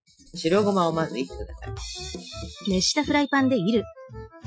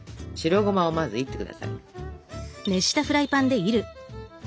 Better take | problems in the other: second | noise reduction (classical method Wiener filter)

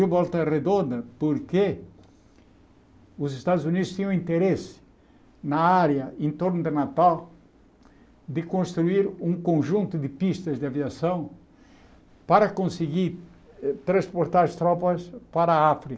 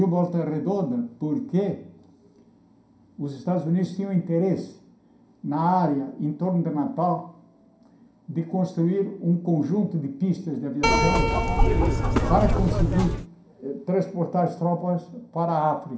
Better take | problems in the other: first | background sound (Keyboard (musical)); 5 dB above the speech // room echo; dies away in 0.5 s

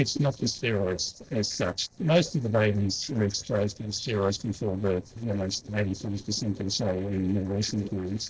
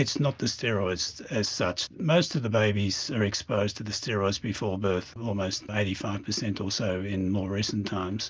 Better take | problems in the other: second | noise reduction (neural separator model SepFormer DNS4)

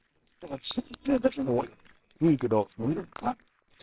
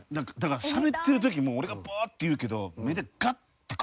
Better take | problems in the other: second | noise reduction (neural separator model SepFormer WHAMR!)

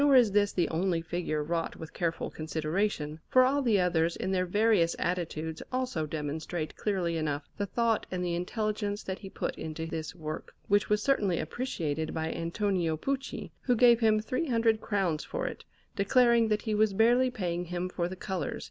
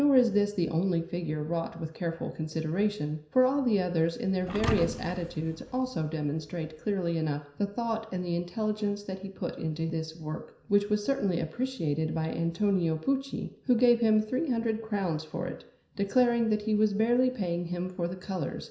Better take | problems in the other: first | background sound (Thump, thud); 10 dB below the speech // room echo; dies away in 0.5 s

